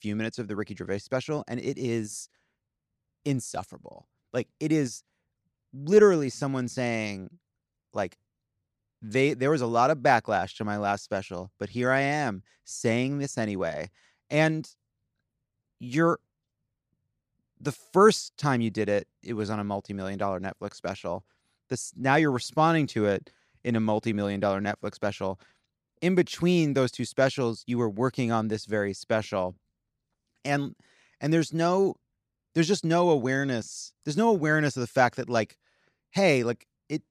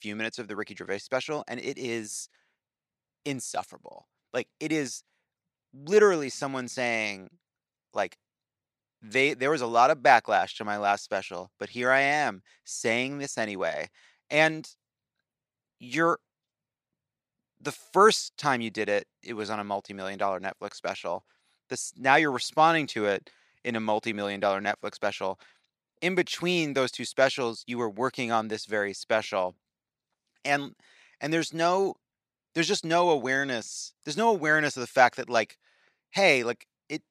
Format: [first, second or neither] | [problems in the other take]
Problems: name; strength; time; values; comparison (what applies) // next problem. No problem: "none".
first | thin; somewhat; fading below 1 kHz